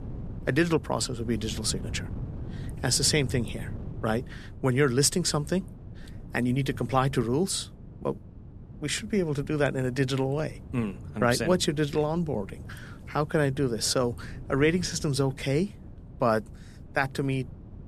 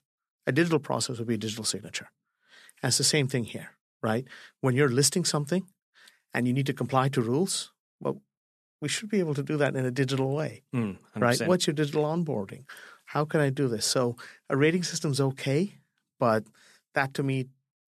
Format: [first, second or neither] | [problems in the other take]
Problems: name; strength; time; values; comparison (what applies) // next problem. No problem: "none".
second | wind noise on the microphone; occasional gusts; 20 dB below the speech